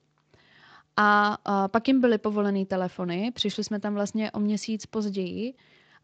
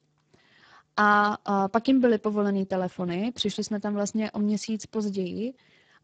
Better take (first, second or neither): first